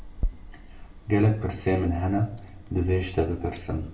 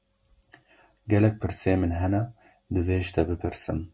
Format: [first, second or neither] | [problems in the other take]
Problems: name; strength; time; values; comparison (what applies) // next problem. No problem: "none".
second | background sound (Chewing, mastication); 10 dB below the speech // room echo; dies away in 0.6 s